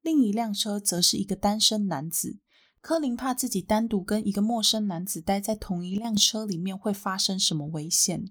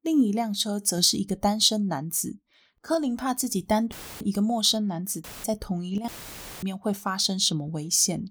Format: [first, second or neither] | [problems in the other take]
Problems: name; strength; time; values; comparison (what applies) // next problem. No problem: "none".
first | audio cutting out; filled with static; at 4 s, at 5 s and at 6 s for 0.5 s